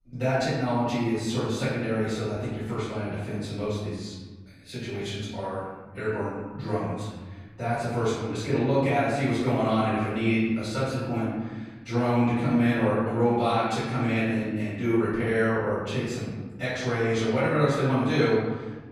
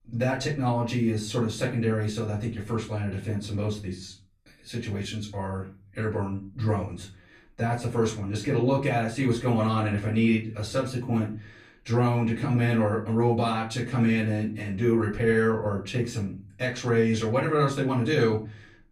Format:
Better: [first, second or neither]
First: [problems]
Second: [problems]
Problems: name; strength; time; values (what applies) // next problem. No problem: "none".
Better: second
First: room echo; strong; dies away in 1.3 s // off-mic speech; far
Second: room echo; slight; dies away in 0.3 s // off-mic speech; far